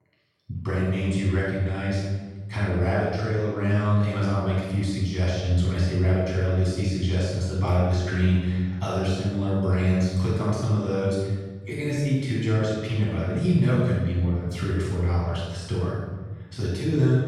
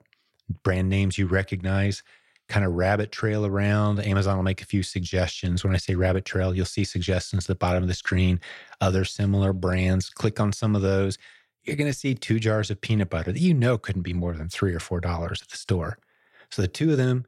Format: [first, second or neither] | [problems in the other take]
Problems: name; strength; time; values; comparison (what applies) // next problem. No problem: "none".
second | room echo; strong; dies away in 1.4 s // off-mic speech; far